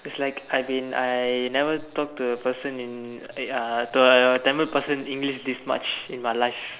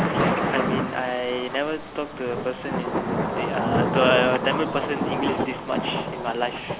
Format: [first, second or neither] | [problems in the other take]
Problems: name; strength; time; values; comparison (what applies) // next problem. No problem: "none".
first | background sound (Thunder / Rain); 1 dB above the speech